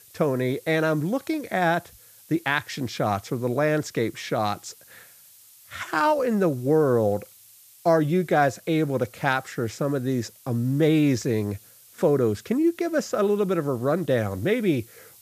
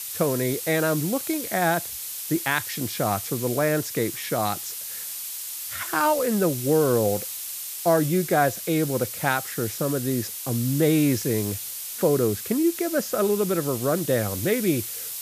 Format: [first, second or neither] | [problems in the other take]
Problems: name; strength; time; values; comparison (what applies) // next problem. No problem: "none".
first | hiss; loud; throughout; 6 dB below the speech; faint in the first